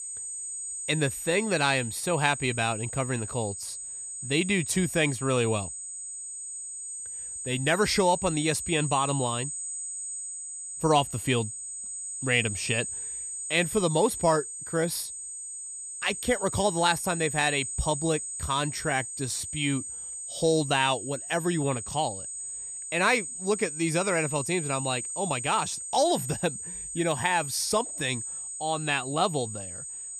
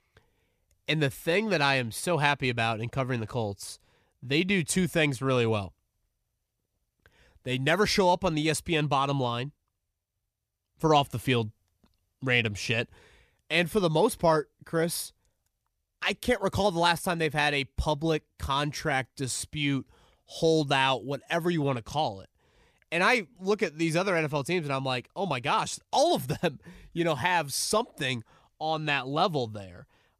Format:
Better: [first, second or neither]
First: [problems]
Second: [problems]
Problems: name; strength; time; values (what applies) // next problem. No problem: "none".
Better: second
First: high-pitched whine; loud; throughout; 8.5 kHz, 6 dB below the speech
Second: none